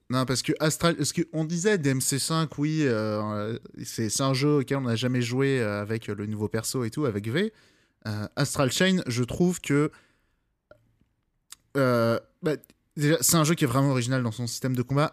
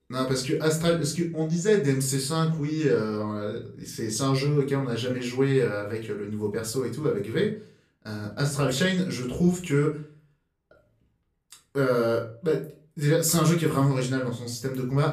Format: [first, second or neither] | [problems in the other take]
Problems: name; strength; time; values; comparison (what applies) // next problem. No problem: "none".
first | off-mic speech; far // room echo; very slight; dies away in 0.3 s